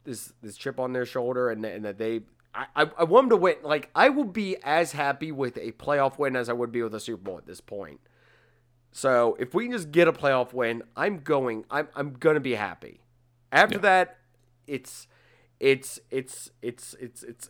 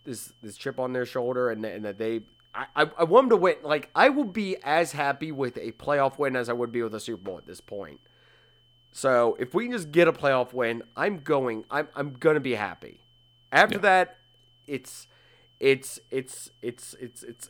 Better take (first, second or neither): first